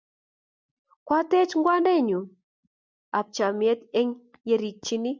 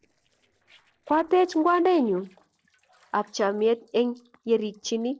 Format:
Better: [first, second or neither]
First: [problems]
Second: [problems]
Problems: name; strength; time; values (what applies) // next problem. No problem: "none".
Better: first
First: none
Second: noise reduction (neural separator model SepFormer DNS4)